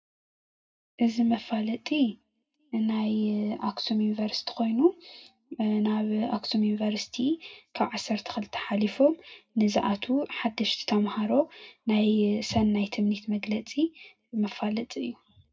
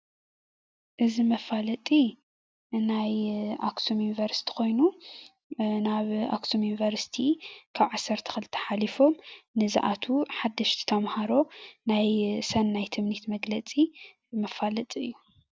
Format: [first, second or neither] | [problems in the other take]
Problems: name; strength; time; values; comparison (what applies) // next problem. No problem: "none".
second | room echo; dies away in 0.2 s